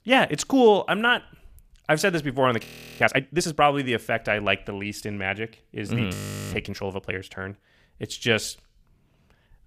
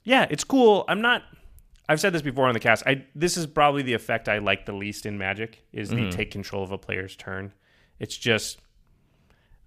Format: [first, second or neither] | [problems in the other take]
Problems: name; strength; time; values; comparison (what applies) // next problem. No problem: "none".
second | audio freezing; at 2.5 s and at 6 s